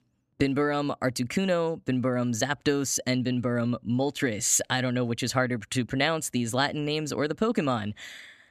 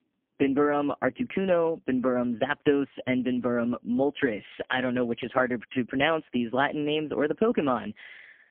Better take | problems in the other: first | phone-call audio; poor line; nothing above 3.5 kHz

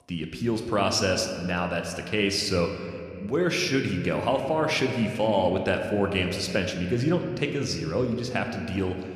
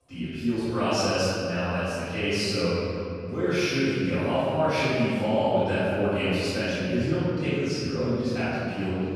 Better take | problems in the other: first | room echo; strong; dies away in 2.5 s; slight in the first // off-mic speech; far

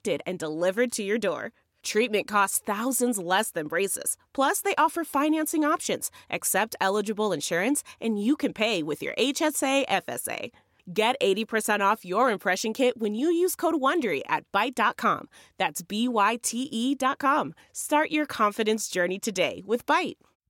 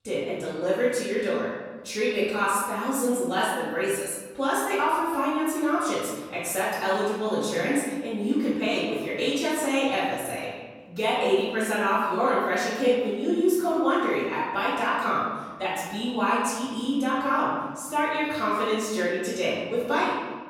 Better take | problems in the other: first | off-mic speech; far // room echo; strong; dies away in 1.2 s

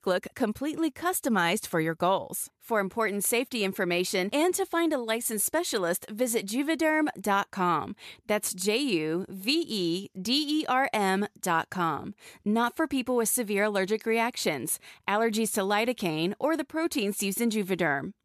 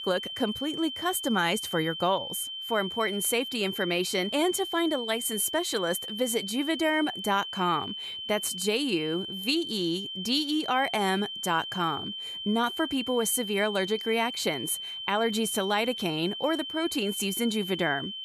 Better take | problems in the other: first | high-pitched whine; loud; throughout; 3 kHz, 6 dB below the speech

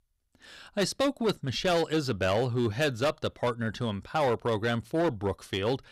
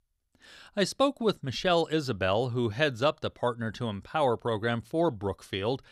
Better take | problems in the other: second | distortion; slight; 8% of the sound clipped

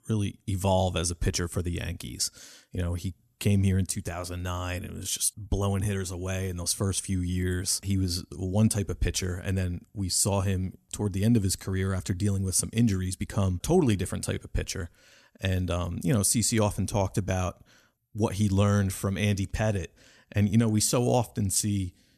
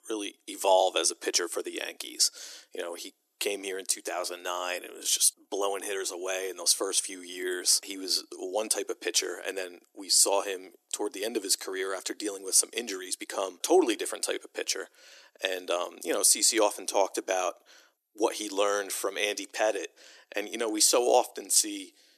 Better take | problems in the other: first | thin; very; fading below 300 Hz

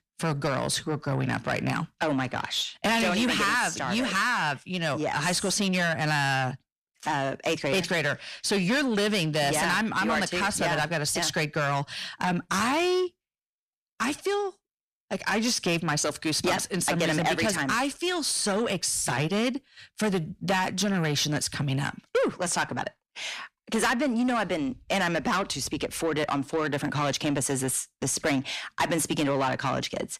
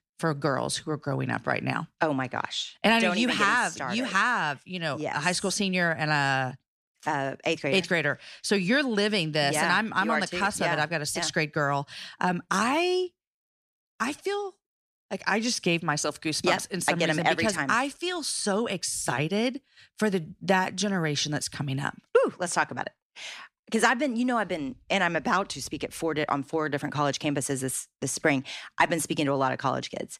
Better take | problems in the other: second | distortion; heavy; 8 dB below the speech

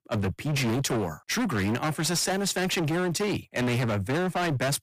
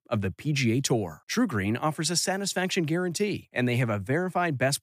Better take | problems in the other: second | distortion; heavy; 36% of the sound clipped

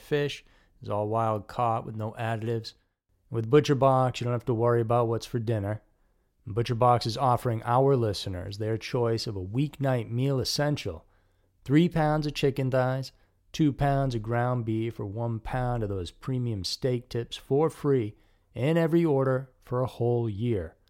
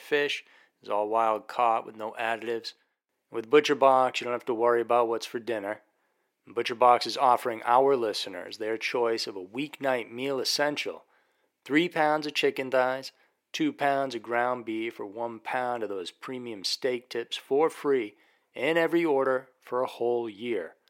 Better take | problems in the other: first | thin; somewhat; fading below 300 Hz

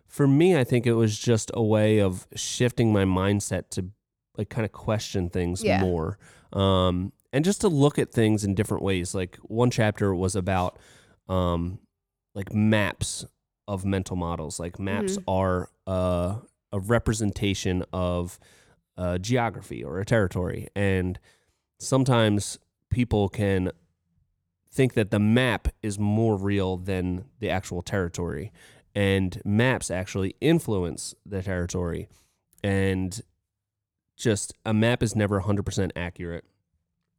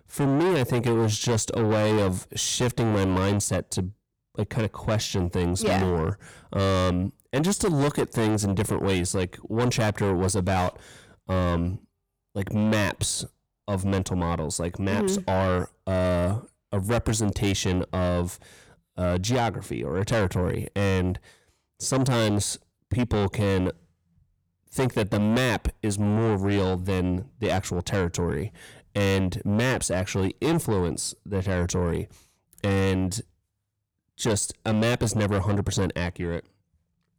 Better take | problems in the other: first | distortion; heavy; 7 dB below the speech

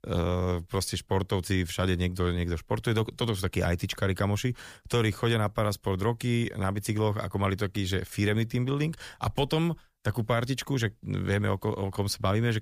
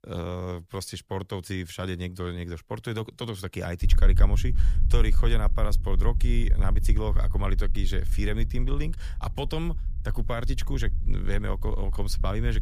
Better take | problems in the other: first | low rumble; noticeable; from 4 s on; 15 dB below the speech

